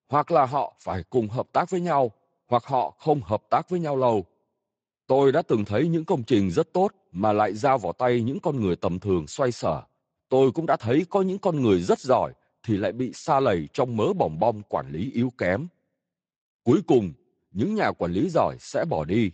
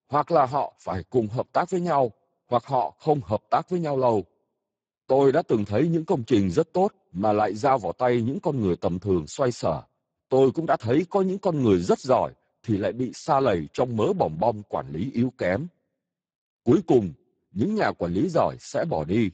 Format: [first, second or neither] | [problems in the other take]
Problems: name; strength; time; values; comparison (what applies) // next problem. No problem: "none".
first | garbled, watery; badly; nothing above 7.5 kHz; slightly in the first